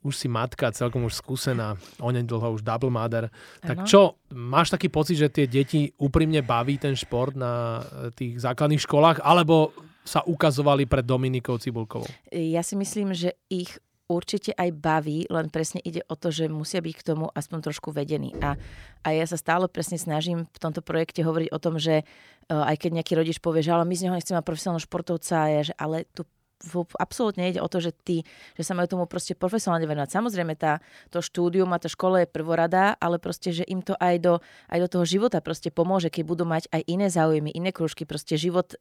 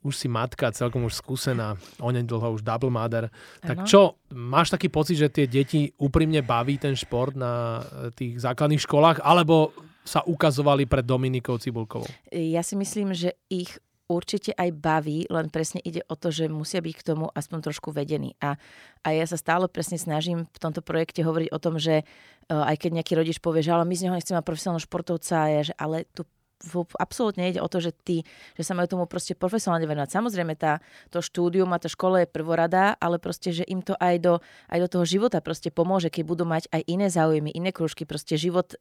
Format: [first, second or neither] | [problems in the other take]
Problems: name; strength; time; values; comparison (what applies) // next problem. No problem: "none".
second | door banging; faint; at 18 s; peak 10 dB below the speech